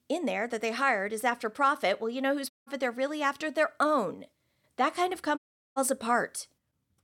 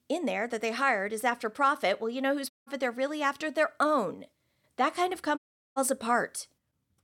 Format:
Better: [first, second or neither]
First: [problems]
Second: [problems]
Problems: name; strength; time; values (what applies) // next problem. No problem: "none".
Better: neither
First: audio cutting out; at 2.5 s and at 5.5 s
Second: audio cutting out; at 2.5 s and at 5.5 s